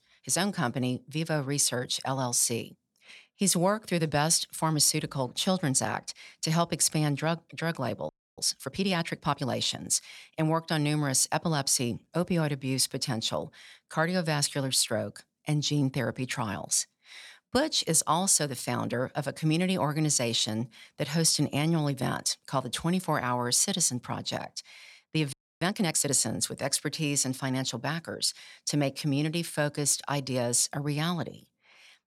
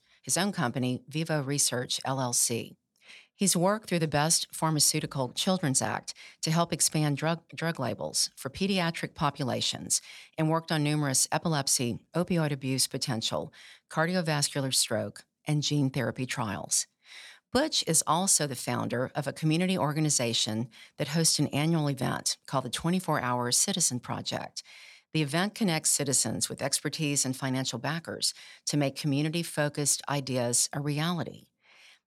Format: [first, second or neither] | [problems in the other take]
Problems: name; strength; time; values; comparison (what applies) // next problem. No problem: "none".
second | audio freezing; at 8 s and at 25 s